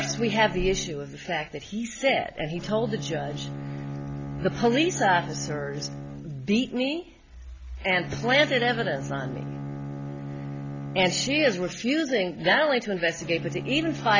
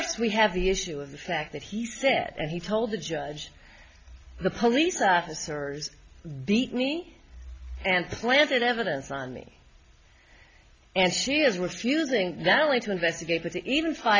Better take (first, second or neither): second